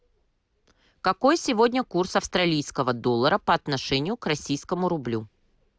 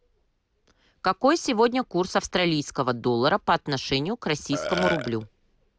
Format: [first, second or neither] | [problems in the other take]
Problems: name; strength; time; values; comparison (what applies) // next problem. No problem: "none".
first | background sound (Burping, eructation); 4 dB below the speech